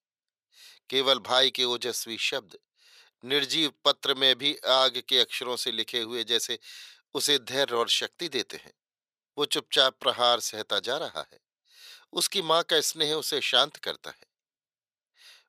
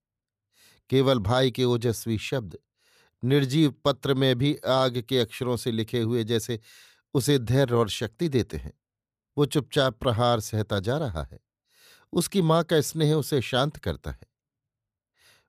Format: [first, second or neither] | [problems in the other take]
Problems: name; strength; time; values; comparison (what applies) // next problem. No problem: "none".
second | thin; very; fading below 550 Hz